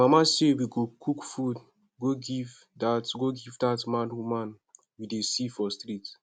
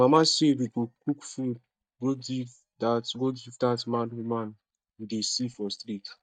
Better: first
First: none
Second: noise reduction (neural mask model DeepFilterNet 3)

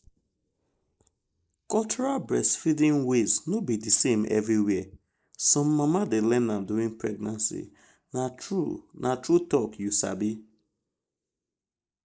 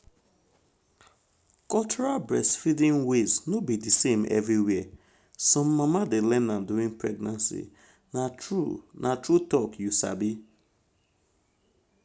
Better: second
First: noise reduction (neural mask model Resemble Enhance denoiser)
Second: none

